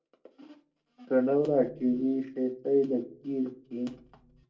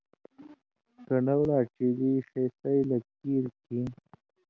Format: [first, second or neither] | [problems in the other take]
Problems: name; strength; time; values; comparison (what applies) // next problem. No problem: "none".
second | room echo; dies away in 0.2 s